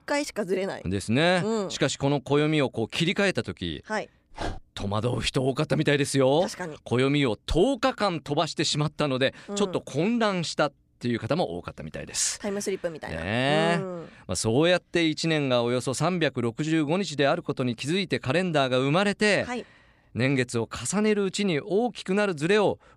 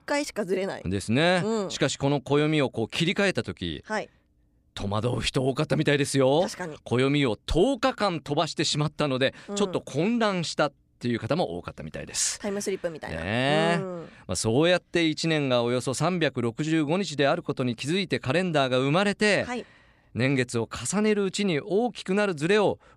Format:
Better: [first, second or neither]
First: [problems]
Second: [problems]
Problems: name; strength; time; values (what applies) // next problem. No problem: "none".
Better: second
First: dog barking; faint; at 4.5 s; peak 10 dB below the speech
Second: none